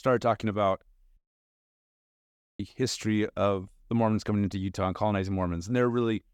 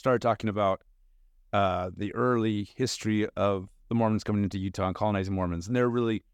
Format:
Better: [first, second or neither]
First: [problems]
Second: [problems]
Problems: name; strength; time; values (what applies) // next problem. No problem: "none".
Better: second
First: audio cutting out; at 1 s for 1.5 s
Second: none